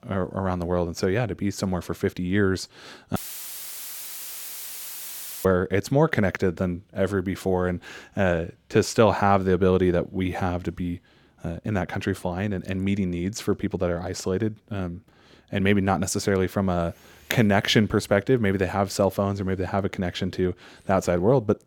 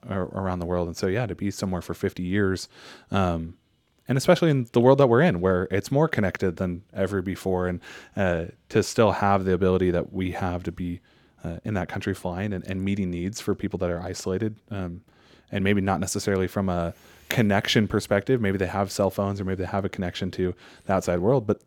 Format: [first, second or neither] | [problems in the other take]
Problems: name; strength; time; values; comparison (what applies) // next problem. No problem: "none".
second | audio cutting out; filled with static; at 3 s for 2.5 s